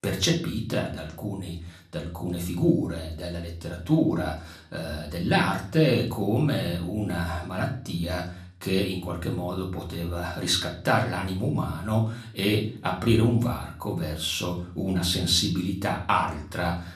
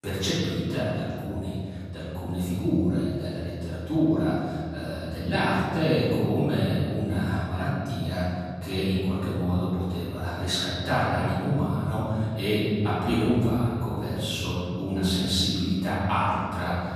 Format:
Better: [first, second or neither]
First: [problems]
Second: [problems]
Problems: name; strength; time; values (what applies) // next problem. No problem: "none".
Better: first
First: room echo; slight; dies away in 0.4 s // off-mic speech; somewhat distant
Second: room echo; strong; dies away in 2.6 s // off-mic speech; far